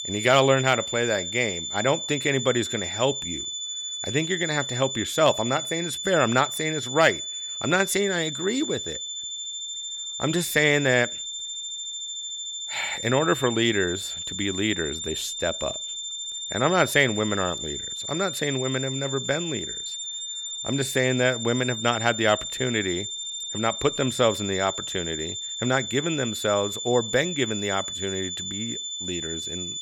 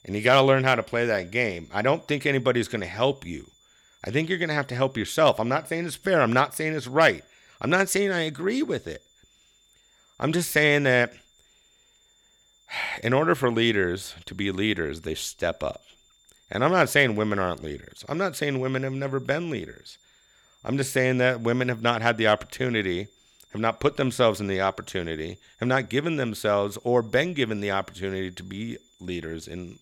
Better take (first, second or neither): second